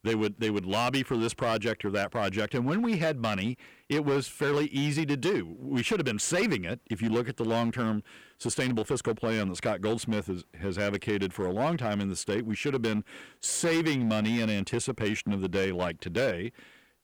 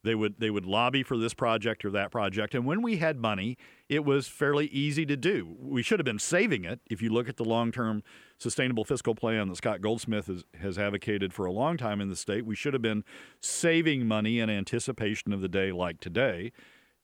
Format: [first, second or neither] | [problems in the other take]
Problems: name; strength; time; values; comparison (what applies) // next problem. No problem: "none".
second | distortion; slight; 9% of the sound clipped